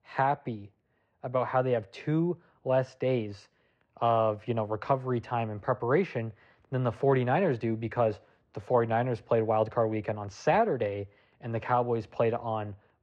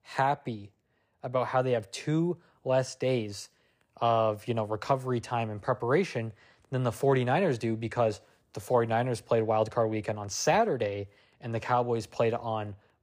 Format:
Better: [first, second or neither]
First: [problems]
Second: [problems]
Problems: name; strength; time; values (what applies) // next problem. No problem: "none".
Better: second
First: muffled; slightly; fading above 2.5 kHz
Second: none